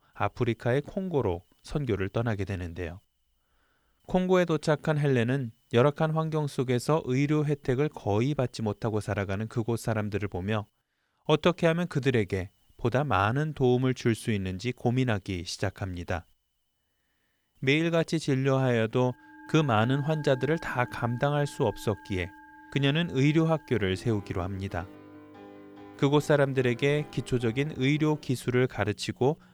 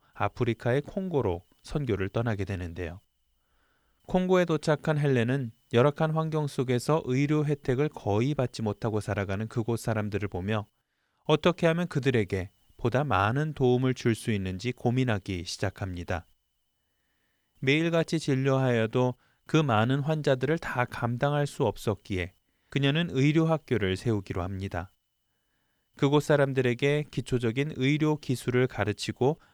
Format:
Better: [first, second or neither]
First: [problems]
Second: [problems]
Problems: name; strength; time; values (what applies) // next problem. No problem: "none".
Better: second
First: background music; faint; from 19 s on; 20 dB below the speech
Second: none